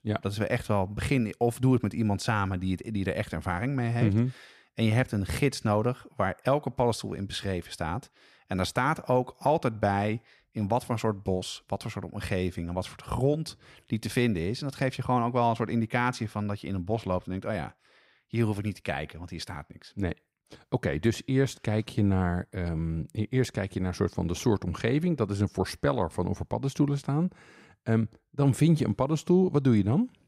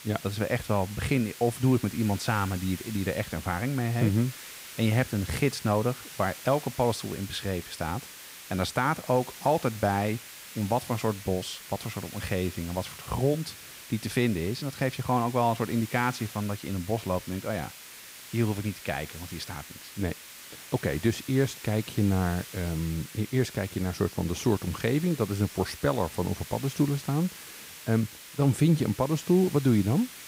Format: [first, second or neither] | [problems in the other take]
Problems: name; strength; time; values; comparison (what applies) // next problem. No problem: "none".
first | hiss; noticeable; throughout; 15 dB below the speech